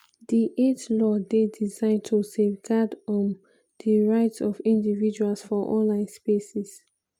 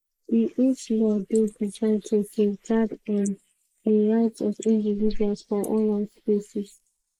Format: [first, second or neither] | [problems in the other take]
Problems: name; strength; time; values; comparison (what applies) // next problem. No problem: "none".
first | noise reduction (neural mask model Resemble Enhance denoiser)